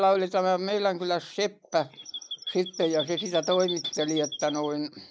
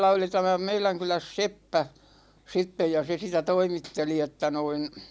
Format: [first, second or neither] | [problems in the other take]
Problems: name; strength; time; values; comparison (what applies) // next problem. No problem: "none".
second | noise reduction (neural mask model Resemble Enhance denoiser)